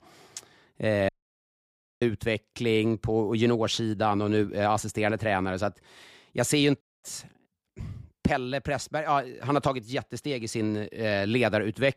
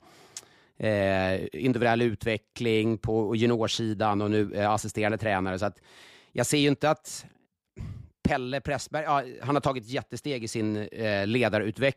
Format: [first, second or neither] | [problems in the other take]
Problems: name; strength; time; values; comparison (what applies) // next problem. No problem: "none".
second | audio cutting out; at 1 s for 1 s and at 7 s